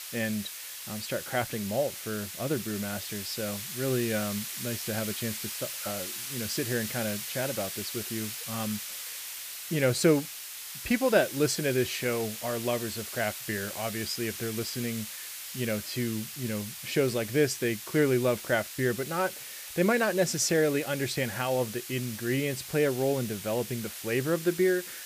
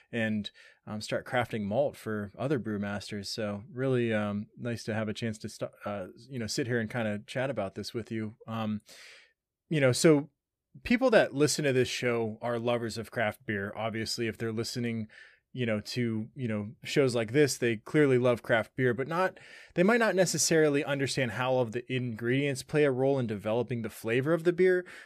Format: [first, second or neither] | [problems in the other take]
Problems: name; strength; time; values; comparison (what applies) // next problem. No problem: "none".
second | hiss; loud; throughout; 7 dB below the speech